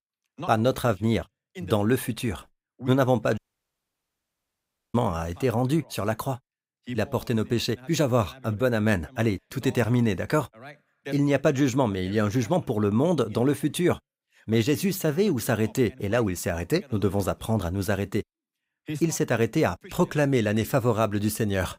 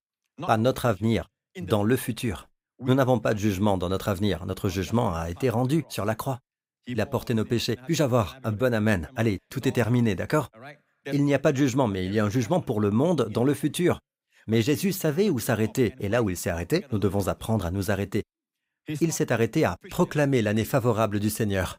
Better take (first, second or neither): second